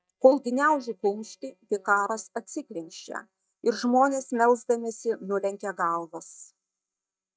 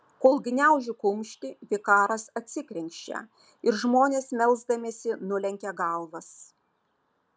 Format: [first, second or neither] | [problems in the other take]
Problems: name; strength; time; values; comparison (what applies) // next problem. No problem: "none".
second | noise reduction (neural mask model DeepFilterNet 3)